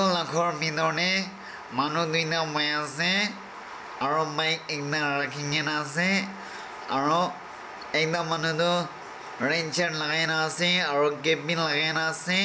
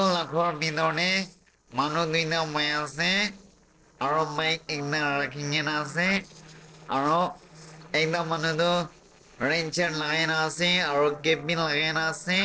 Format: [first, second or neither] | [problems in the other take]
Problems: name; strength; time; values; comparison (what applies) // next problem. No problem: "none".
first | noise reduction (neural separator model SepFormer DNS4)